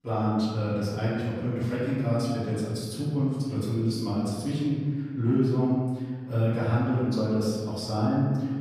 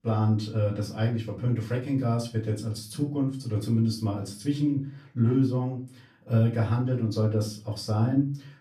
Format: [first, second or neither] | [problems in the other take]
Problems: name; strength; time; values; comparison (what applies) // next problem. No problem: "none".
second | room echo; strong; dies away in 1.5 s; slight in the second // off-mic speech; far; far in the second